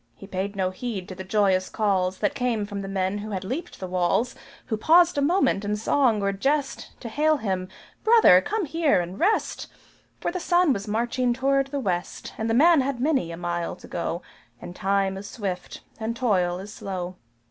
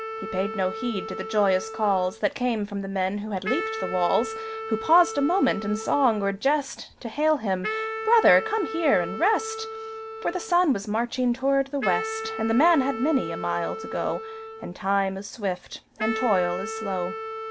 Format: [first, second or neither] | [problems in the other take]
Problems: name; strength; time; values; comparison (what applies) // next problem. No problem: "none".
first | background sound (Wind instrument, woodwind instrument); 9 dB below the speech